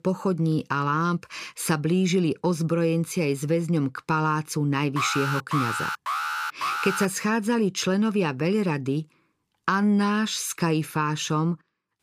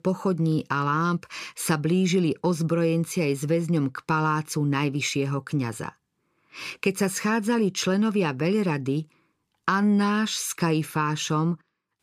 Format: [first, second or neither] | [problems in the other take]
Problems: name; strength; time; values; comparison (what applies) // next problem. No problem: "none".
second | alarm; noticeable; from 5 to 7 s; peak 2 dB below the speech